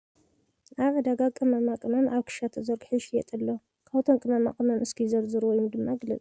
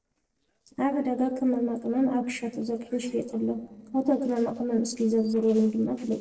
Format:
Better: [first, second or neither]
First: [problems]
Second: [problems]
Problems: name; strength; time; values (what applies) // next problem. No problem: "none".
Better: first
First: none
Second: noise reduction (neural separator model SepFormer DNS4)